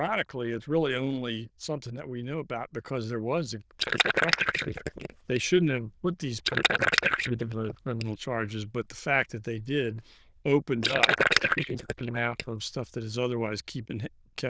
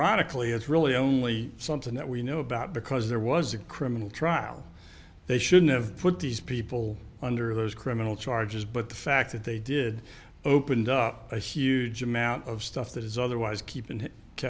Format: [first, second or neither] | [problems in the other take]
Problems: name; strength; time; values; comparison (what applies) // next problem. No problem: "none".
second | noise reduction (neural diffusion model UNIVERSE++)